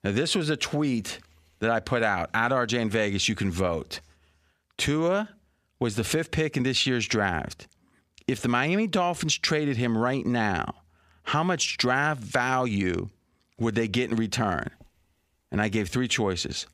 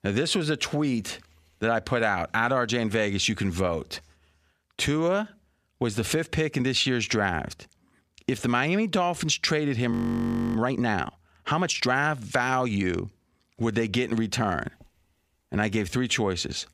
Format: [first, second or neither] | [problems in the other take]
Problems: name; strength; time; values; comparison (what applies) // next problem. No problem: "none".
first | audio freezing; at 10 s for 0.5 s